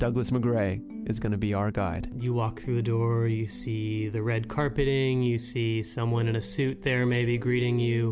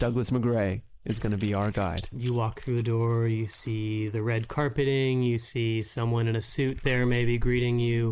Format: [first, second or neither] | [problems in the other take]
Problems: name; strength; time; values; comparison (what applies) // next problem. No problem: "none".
first | noise reduction (neural mask model Resemble Enhance denoiser)